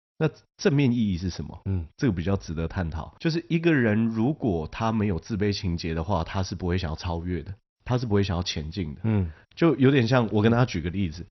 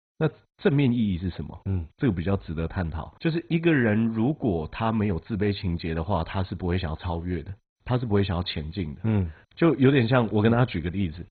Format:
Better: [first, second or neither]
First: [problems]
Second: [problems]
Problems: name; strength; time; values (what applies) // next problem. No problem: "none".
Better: first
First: garbled, watery; slightly; nothing above 6 kHz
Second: garbled, watery; badly; nothing above 4 kHz